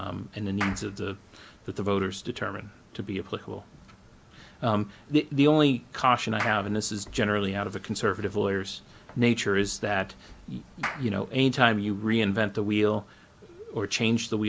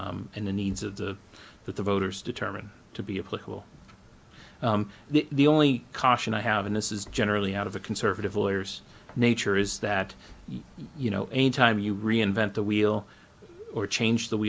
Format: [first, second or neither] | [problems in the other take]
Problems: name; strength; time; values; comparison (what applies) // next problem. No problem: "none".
second | background sound (Clapping); 13 dB below the speech